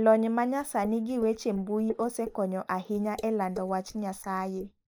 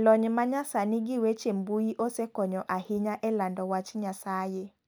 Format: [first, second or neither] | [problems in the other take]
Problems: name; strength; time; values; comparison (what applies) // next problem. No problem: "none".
second | noise reduction (neural mask model Resemble Enhance denoiser)